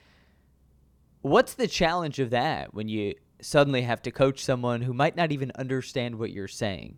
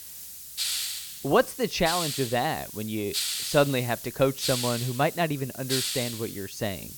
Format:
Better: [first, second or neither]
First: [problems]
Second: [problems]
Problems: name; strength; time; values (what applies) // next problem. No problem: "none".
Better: first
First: none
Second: hiss; loud; throughout; 4 dB below the speech